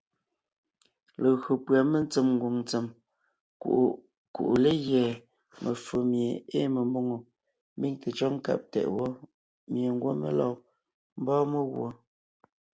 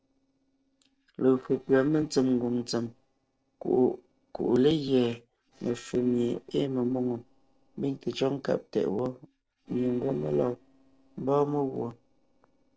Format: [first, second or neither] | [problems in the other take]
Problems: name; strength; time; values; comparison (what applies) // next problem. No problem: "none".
first | noise reduction (neural separator model SepFormer DNS4)